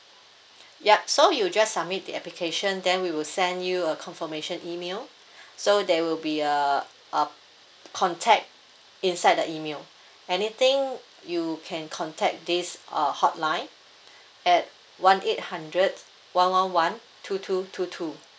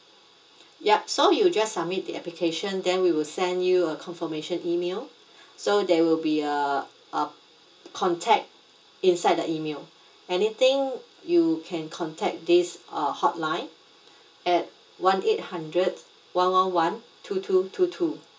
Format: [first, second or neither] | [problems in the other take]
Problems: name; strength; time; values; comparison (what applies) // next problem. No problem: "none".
first | room echo; dies away in 0.2 s